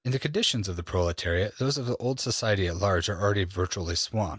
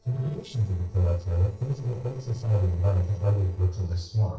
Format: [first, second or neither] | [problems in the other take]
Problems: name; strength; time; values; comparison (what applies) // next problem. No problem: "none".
first | noise reduction (neural separator model SepFormer DNS4)